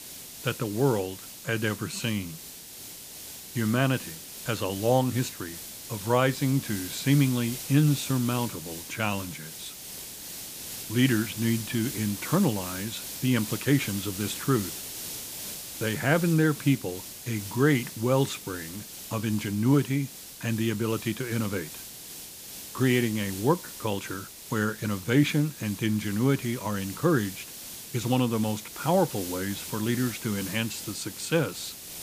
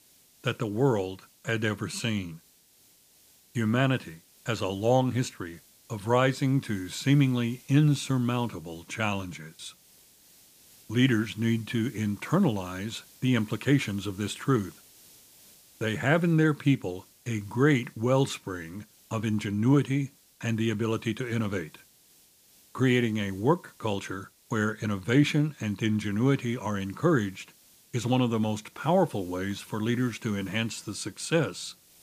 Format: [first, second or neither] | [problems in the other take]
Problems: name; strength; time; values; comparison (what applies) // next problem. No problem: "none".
second | hiss; loud; throughout; 10 dB below the speech; faint in the second